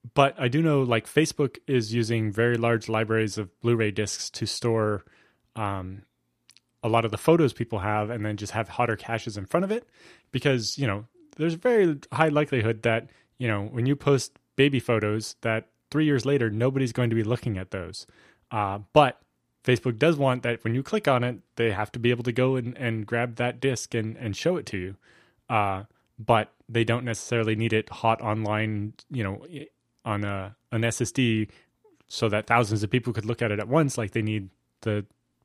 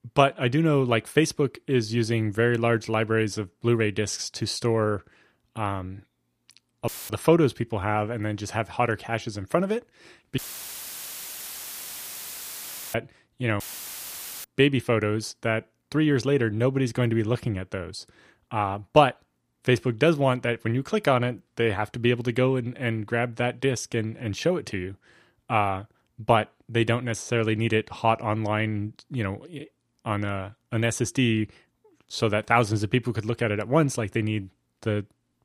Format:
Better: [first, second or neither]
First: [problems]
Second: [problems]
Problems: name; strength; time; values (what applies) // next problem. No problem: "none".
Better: first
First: none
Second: audio cutting out; filled with static; at 7 s, at 10 s for 2.5 s and at 14 s for 1 s